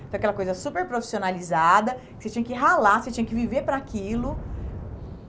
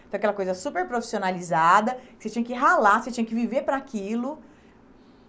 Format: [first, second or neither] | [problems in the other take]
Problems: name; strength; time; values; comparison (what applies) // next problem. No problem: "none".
second | background sound (Thunder / Rain); 13 dB below the speech